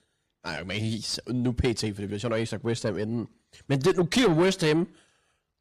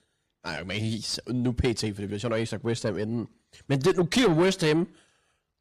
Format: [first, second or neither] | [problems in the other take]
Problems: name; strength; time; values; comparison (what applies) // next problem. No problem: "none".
neither | distortion; heavy; 7 dB below the speech; the same in both